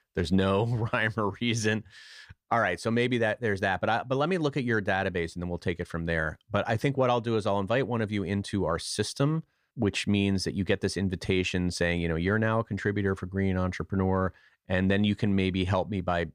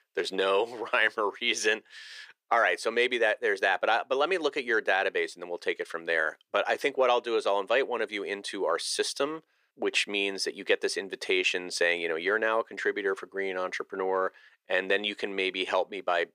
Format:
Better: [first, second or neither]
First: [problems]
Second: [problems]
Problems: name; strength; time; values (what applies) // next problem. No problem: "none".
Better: first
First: none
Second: thin; very; fading below 400 Hz